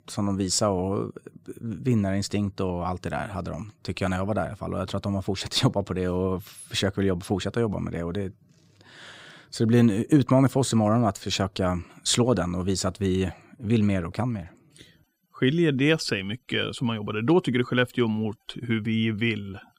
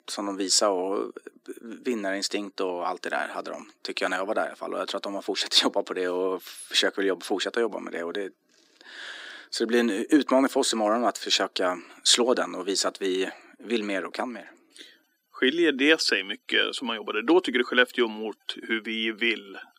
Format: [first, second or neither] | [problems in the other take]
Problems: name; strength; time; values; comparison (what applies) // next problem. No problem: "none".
first | thin; somewhat; fading below 250 Hz